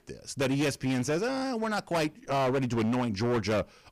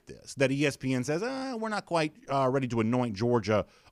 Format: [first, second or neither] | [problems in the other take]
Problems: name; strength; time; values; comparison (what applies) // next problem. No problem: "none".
second | distortion; heavy; 16% of the sound clipped